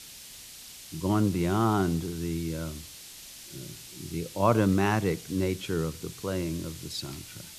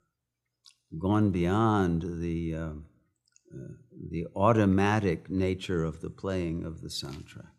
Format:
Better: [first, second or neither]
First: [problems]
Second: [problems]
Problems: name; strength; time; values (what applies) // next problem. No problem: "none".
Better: second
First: hiss; noticeable; throughout; 15 dB below the speech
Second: none